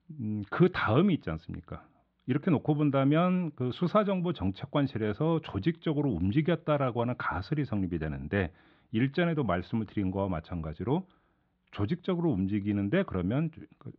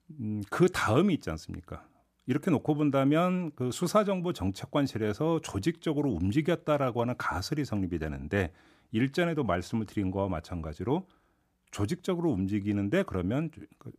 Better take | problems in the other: second | muffled; slightly; fading above 4 kHz

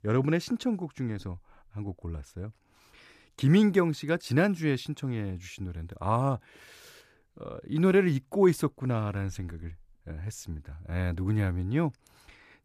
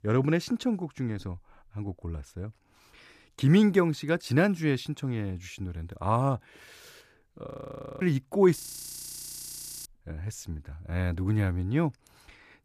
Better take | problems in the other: first | audio freezing; at 7.5 s for 0.5 s and at 8.5 s for 1.5 s

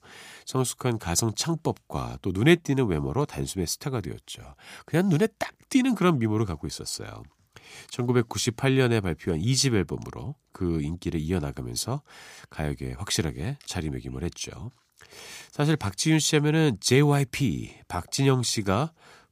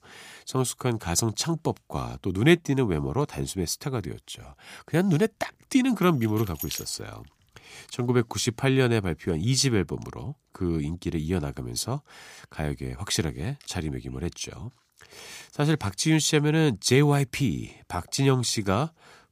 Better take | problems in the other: first | jangling keys; noticeable; at 6 s; peak 8 dB below the speech

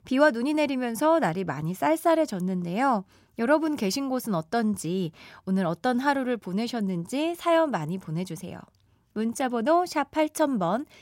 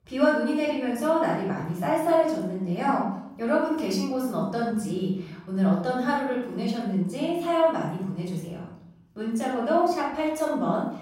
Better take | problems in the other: first | room echo; noticeable; dies away in 0.7 s // off-mic speech; far

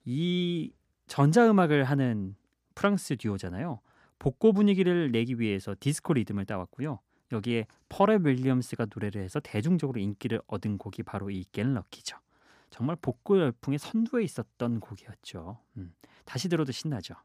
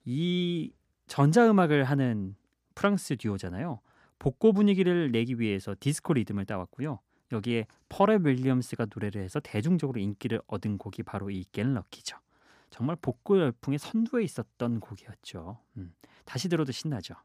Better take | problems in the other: neither | none

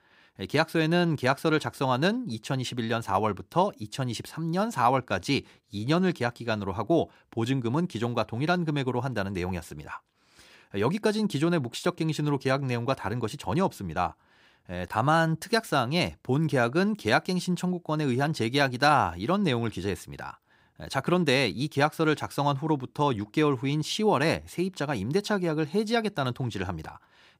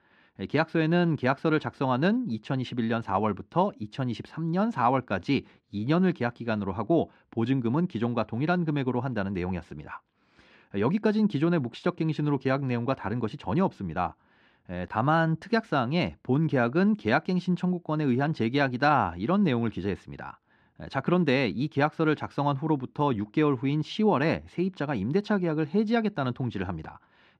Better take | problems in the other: first | muffled; slightly; fading above 3 kHz

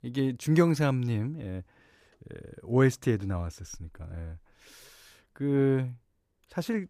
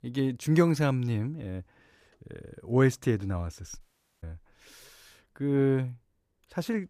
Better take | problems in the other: first | audio cutting out; at 4 s

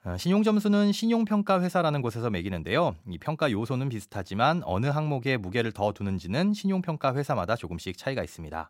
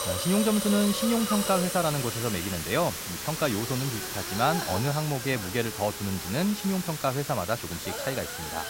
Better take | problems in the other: first | hiss; loud; throughout; 4 dB below the speech

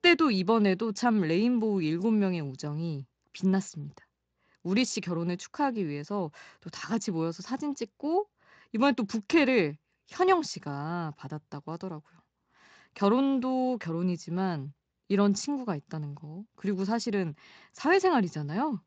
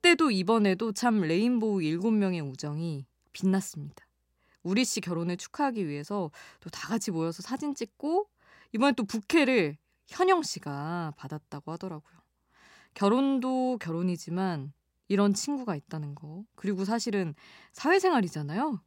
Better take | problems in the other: second | garbled, watery; slightly; nothing above 7.5 kHz

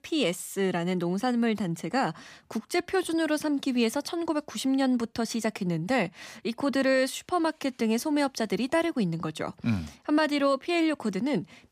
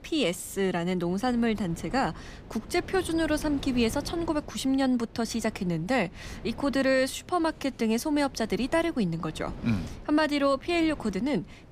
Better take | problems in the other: first | wind noise on the microphone; occasional gusts; 20 dB below the speech

